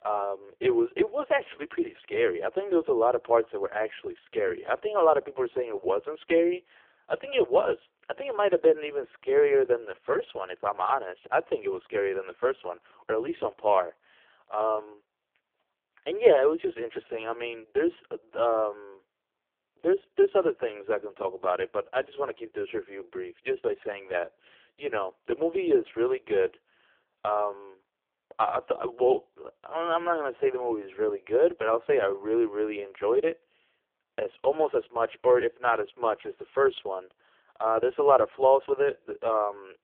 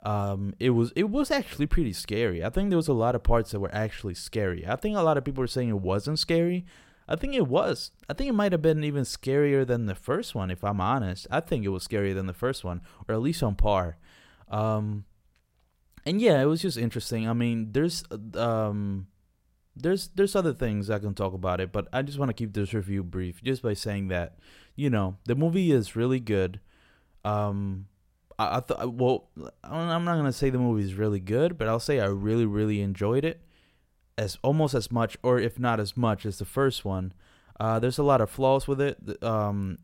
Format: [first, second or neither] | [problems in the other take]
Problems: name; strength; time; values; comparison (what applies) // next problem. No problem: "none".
second | phone-call audio; poor line; nothing above 3.5 kHz